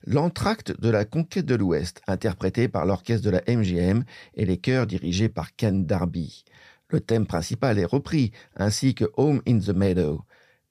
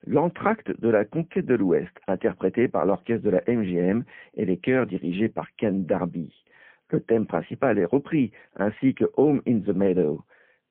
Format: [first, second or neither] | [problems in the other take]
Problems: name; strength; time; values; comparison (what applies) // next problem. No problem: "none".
first | phone-call audio; poor line